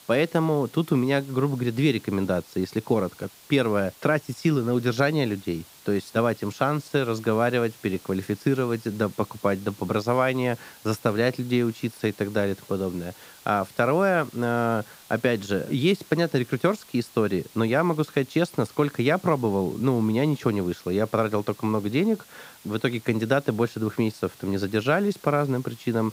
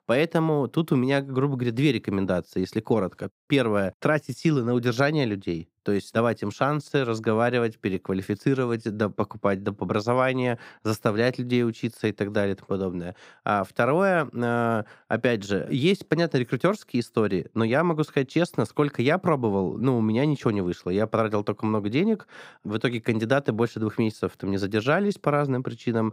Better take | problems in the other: second | hiss; faint; throughout; 25 dB below the speech

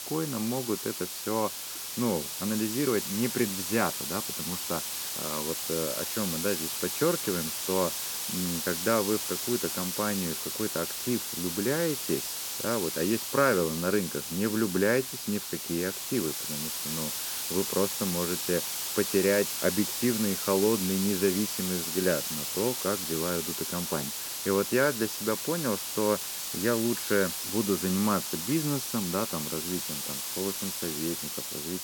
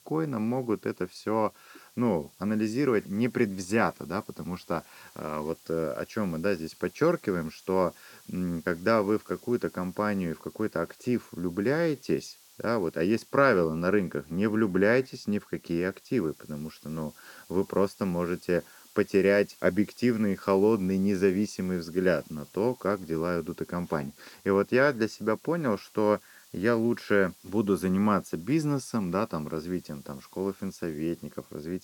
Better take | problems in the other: second | hiss; loud; throughout; 1 dB below the speech; faint in the second

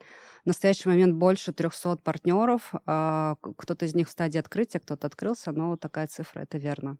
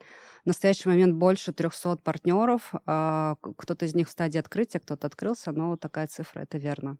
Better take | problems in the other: neither | garbled, watery; slightly; the same in both

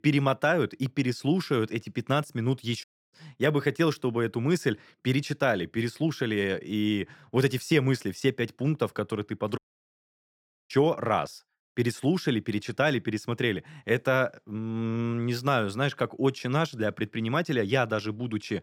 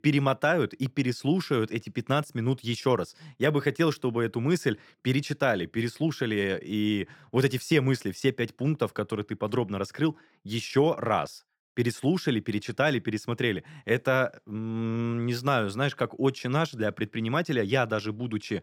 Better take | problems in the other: second | audio cutting out; at 3 s and at 9.5 s for 1 s

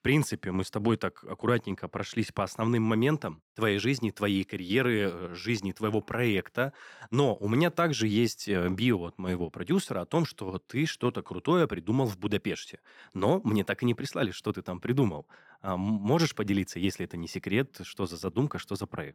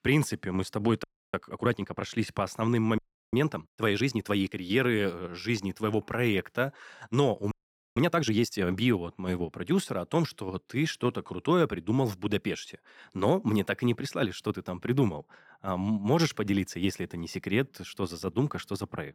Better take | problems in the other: first | audio freezing; at 1 s, at 3 s and at 7.5 s

